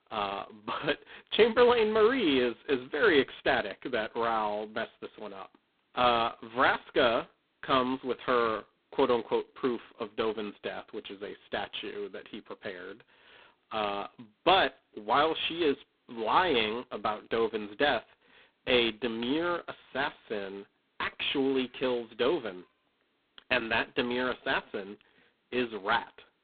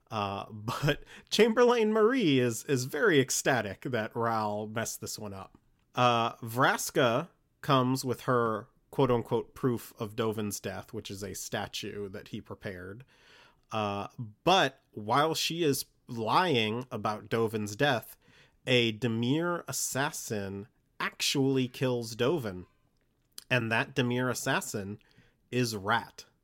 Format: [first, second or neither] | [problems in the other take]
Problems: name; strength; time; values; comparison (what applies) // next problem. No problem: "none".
second | phone-call audio; poor line; nothing above 3.5 kHz